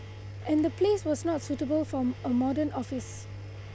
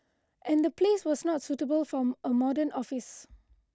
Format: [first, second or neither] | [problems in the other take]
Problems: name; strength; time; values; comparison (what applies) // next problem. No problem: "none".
second | background sound (Engine); 11 dB below the speech